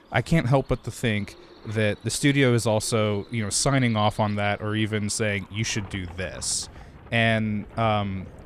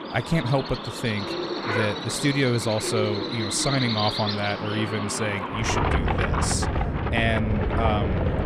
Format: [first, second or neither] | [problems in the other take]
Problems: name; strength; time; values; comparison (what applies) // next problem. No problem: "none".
first | animal sounds; loud; throughout; 1 dB below the speech; faint in the first